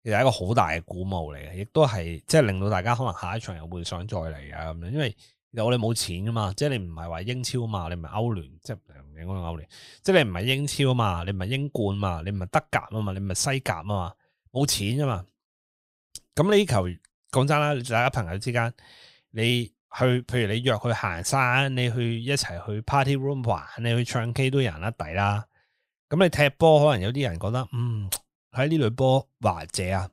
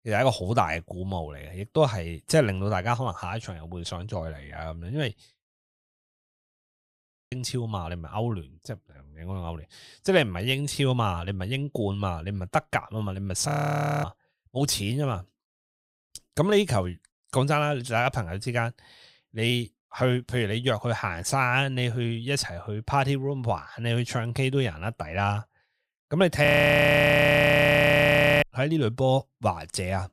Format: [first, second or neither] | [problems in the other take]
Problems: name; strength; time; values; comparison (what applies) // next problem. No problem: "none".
first | audio freezing; at 5.5 s for 2 s, at 13 s for 0.5 s and at 26 s for 2 s